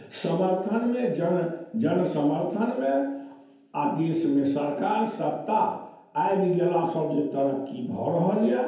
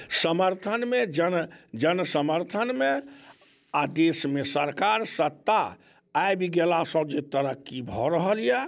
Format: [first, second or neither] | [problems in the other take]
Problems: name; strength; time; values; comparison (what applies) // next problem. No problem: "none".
second | room echo; dies away in 0.9 s